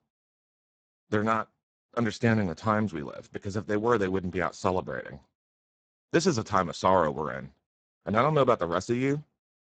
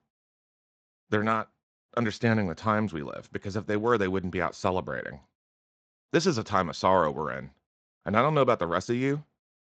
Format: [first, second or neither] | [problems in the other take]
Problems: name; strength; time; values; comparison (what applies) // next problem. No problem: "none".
second | garbled, watery; badly; nothing above 8 kHz; slightly in the second